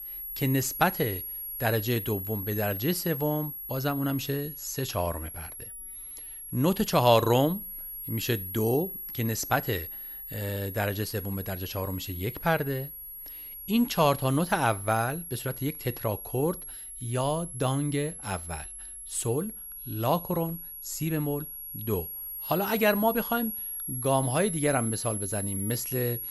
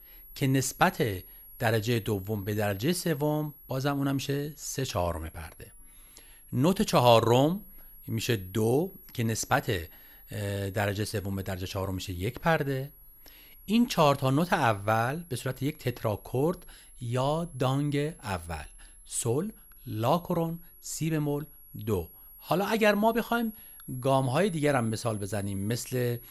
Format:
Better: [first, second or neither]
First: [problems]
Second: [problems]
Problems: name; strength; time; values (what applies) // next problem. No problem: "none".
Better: second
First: high-pitched whine; loud; throughout; 11.5 kHz, 7 dB below the speech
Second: high-pitched whine; faint; throughout; 11.5 kHz, 20 dB below the speech